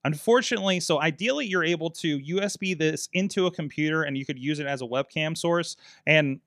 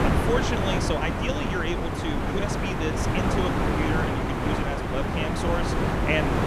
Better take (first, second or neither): first